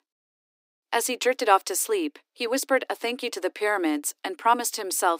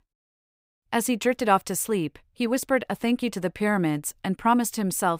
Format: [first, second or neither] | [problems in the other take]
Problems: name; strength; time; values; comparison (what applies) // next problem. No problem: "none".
second | thin; somewhat; fading below 300 Hz